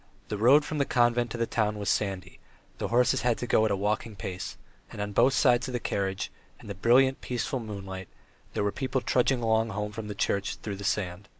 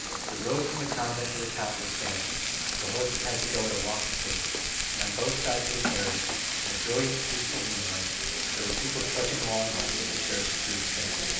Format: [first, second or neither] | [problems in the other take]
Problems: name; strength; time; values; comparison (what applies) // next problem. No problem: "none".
first | background sound (Frying (food)); 4 dB above the speech // room echo; dies away in 0.9 s